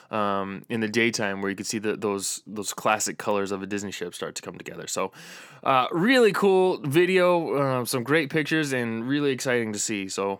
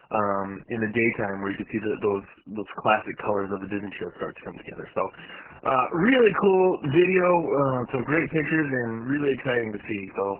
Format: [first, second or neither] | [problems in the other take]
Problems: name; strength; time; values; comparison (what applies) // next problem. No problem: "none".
first | garbled, watery; badly; nothing above 3 kHz